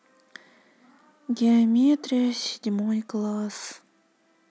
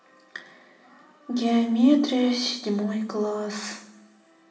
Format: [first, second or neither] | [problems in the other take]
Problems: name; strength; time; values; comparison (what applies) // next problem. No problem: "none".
first | room echo; dies away in 0.8 s